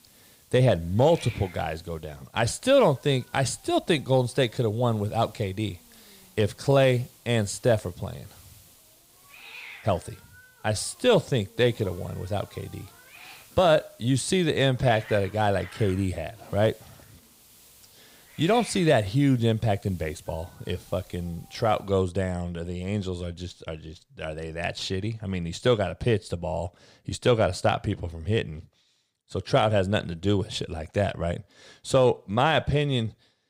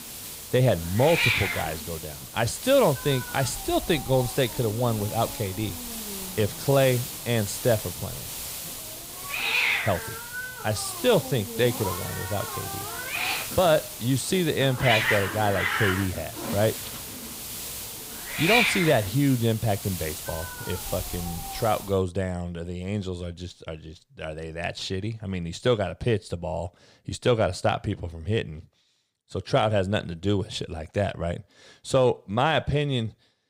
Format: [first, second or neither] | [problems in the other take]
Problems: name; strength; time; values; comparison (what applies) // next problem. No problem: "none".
first | hiss; loud; until 22 s; 3 dB below the speech; faint in the first